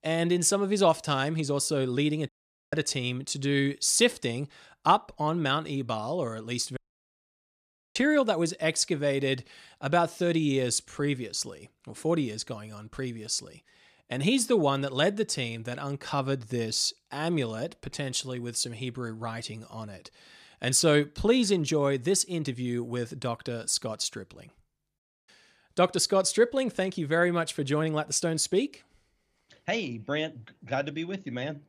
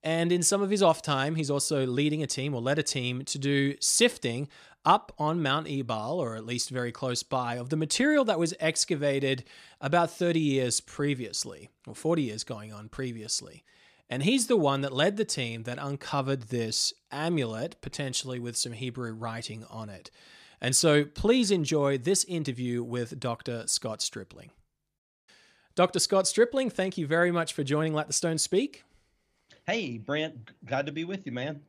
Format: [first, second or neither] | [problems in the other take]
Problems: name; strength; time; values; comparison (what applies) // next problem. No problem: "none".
second | audio cutting out; at 2.5 s and at 7 s for 1 s